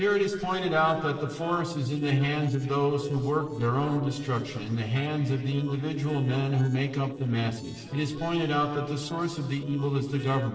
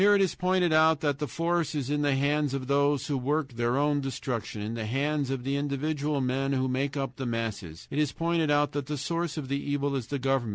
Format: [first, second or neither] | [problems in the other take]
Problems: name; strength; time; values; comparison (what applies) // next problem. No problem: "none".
second | noise reduction (neural separator model SepFormer DNS4)